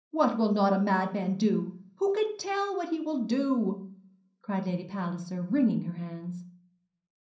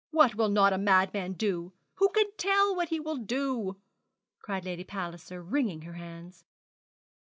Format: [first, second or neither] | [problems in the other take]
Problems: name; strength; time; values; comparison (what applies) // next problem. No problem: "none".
second | room echo; dies away in 0.6 s